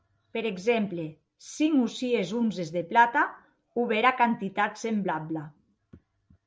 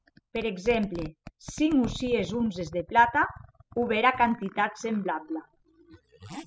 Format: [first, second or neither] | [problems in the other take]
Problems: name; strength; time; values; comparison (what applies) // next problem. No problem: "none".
first | noise reduction (classical method spectral subtraction)